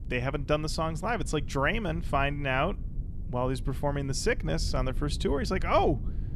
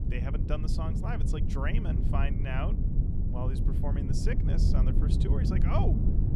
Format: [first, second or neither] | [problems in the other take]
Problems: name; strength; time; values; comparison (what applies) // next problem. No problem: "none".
first | low rumble; loud; throughout; 3 dB below the speech; faint in the first